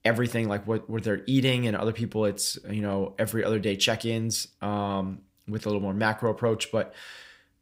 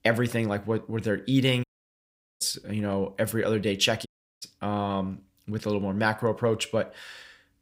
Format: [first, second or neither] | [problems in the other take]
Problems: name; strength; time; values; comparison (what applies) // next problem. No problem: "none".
first | audio cutting out; at 1.5 s for 1 s and at 4 s